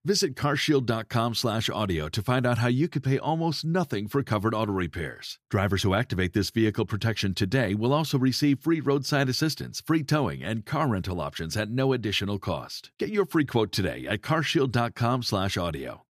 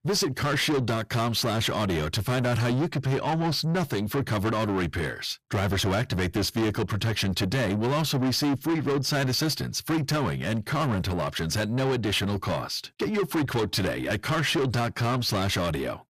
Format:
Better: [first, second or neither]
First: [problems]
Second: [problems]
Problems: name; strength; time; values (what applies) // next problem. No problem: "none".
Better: first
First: none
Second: distortion; heavy; 7 dB below the speech